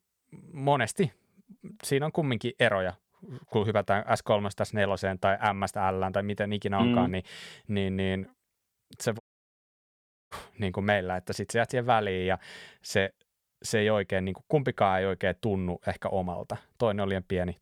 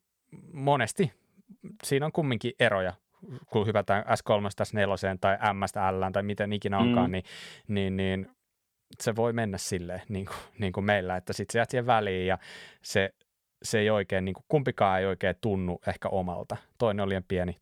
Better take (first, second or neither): second